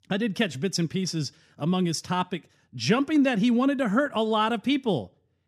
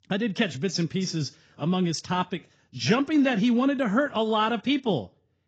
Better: first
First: none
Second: garbled, watery; badly

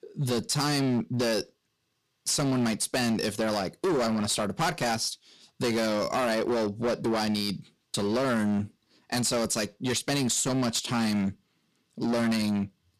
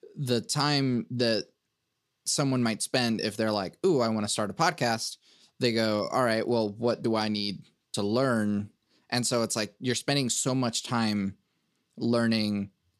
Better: second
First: distortion; heavy; 18% of the sound clipped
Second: none

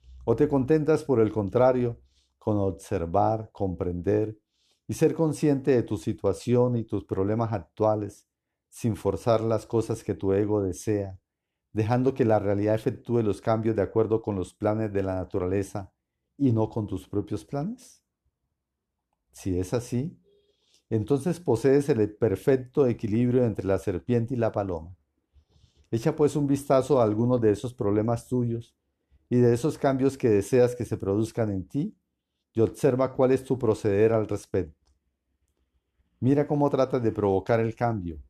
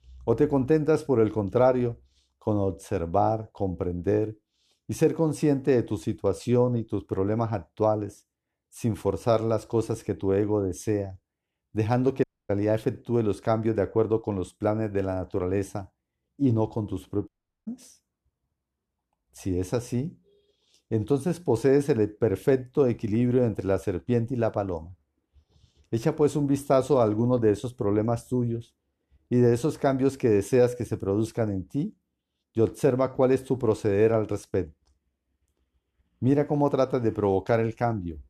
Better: first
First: none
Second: audio cutting out; at 12 s and at 17 s

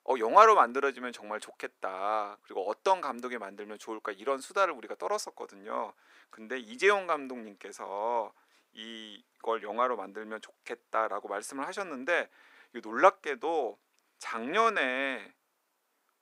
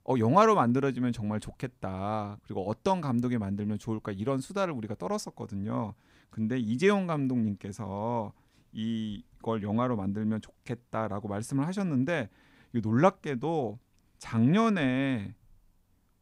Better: second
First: thin; very; fading below 400 Hz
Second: none

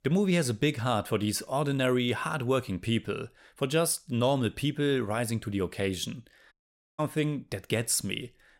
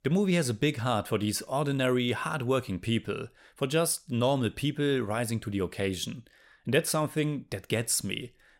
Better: second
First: audio cutting out; at 6.5 s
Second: none

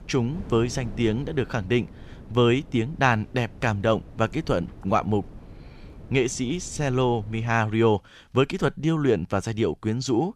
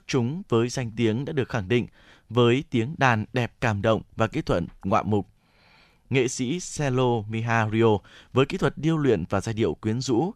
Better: second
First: wind noise on the microphone; occasional gusts; until 7.5 s; 25 dB below the speech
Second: none

